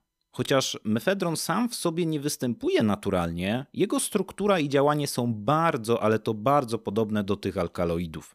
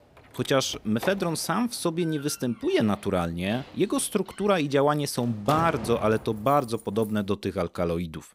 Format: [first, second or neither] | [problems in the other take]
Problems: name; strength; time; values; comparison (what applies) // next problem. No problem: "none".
first | door banging; noticeable; until 7 s; peak 7 dB below the speech